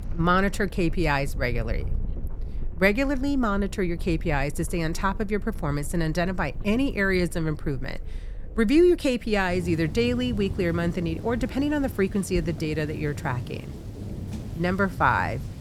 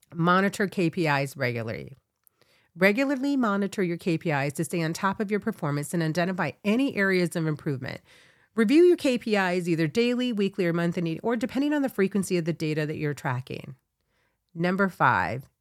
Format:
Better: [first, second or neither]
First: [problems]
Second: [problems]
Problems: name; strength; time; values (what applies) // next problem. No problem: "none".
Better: second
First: rain or running water; noticeable; throughout; 10 dB below the speech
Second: none